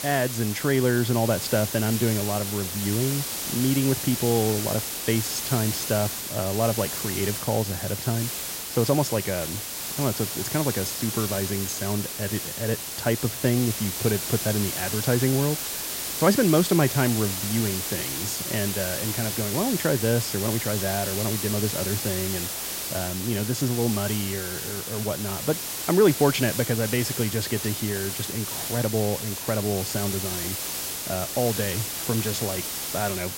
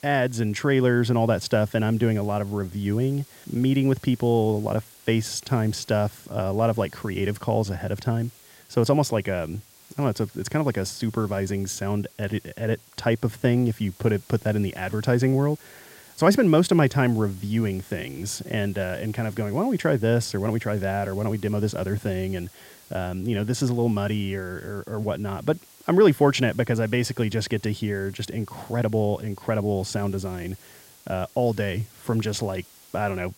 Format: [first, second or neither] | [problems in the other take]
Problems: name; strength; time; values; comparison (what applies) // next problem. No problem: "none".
second | hiss; loud; throughout; 2 dB below the speech; faint in the second